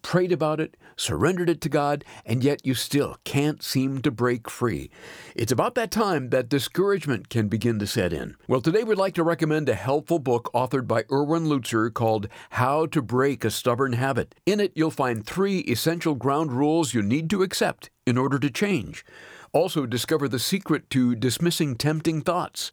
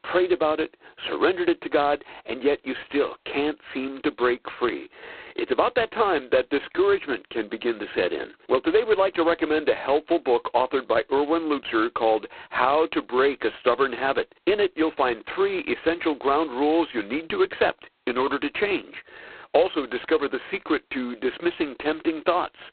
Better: first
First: none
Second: phone-call audio; poor line; nothing above 4 kHz

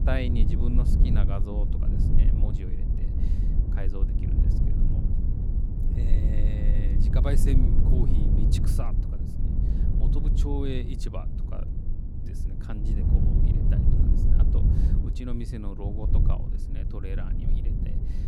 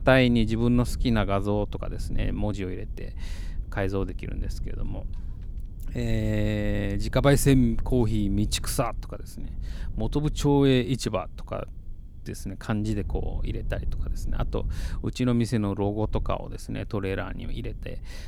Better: second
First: low rumble; loud; throughout; 1 dB below the speech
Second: low rumble; faint; throughout; 25 dB below the speech

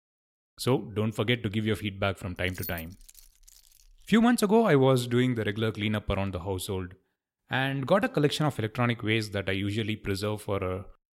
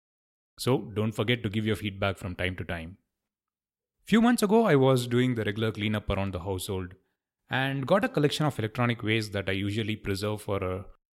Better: second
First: jangling keys; faint; from 2.5 to 4 s; peak 10 dB below the speech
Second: none

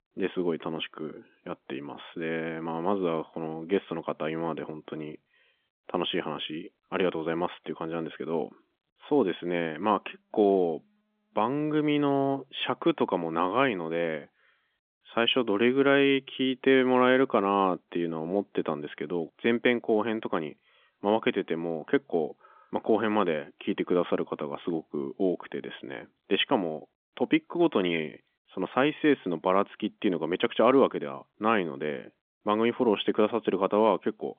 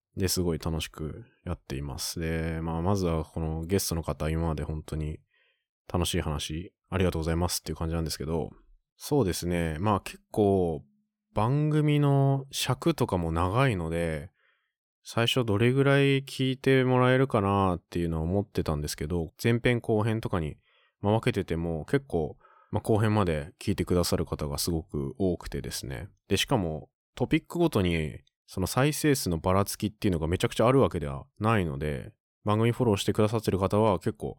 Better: second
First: phone-call audio; nothing above 3.5 kHz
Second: none

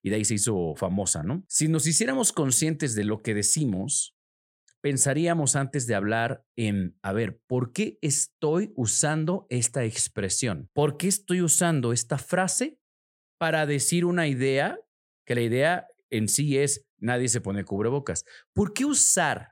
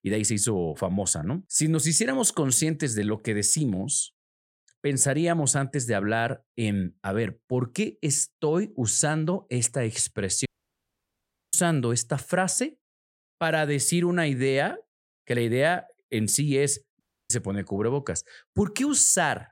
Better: first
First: none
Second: audio cutting out; at 10 s for 1 s and at 17 s

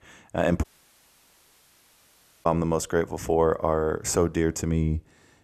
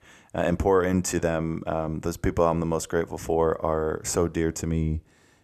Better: second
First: audio cutting out; at 0.5 s for 2 s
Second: none

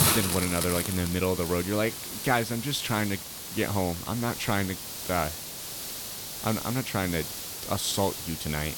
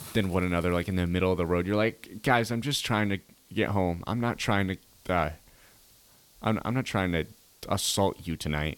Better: second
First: hiss; loud; throughout; 4 dB below the speech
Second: hiss; faint; throughout; 25 dB below the speech

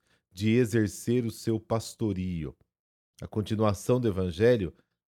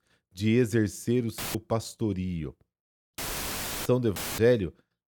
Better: first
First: none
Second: audio cutting out; filled with static; at 1.5 s, at 3 s for 0.5 s and at 4 s

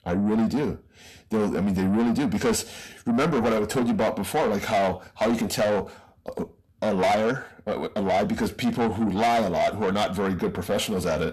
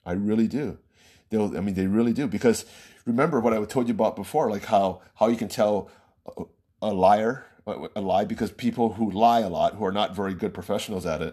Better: second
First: distortion; heavy; 6 dB below the speech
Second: none

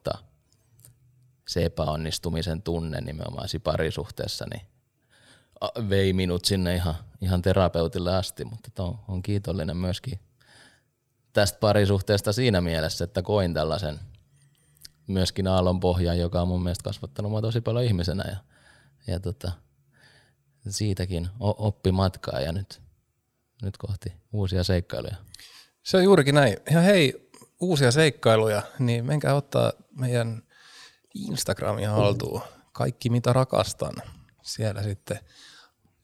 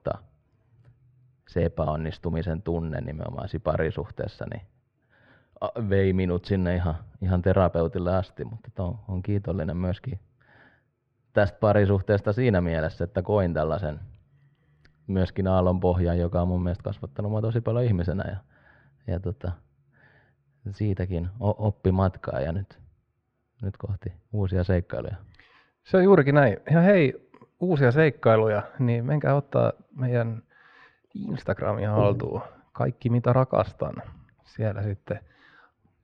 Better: first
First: none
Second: muffled; very; fading above 2 kHz

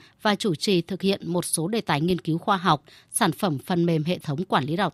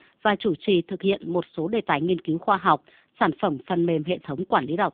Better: first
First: none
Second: phone-call audio; poor line; nothing above 3.5 kHz

